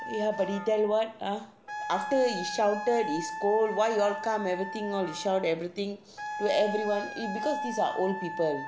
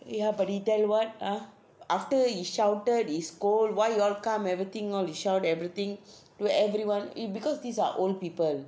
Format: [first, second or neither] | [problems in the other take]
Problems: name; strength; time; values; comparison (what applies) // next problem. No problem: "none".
second | background sound (Wind instrument, woodwind instrument); 8 dB below the speech